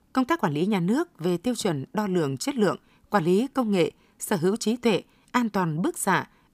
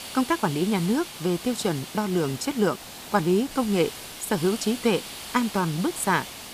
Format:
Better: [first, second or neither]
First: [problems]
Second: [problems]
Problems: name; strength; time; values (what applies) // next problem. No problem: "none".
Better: first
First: none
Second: hiss; noticeable; throughout; 10 dB below the speech